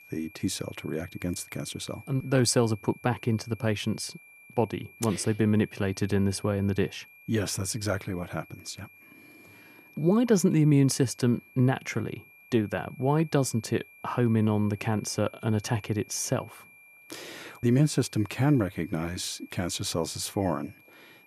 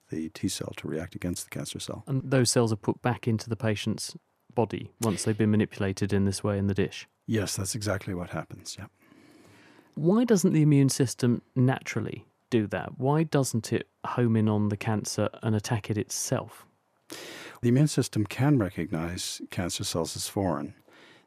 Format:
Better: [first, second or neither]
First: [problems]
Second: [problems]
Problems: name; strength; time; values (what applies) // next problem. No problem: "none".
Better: second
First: high-pitched whine; faint; throughout; 2.5 kHz, 25 dB below the speech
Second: none